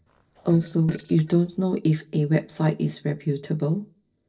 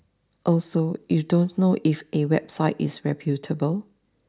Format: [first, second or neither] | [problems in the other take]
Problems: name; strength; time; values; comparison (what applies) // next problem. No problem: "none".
second | noise reduction (neural separator model SepFormer DNS4)